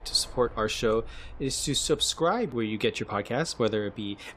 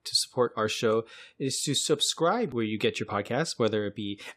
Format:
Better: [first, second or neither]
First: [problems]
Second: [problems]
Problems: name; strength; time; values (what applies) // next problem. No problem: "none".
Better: second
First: train or aircraft noise; faint; throughout; 20 dB below the speech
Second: none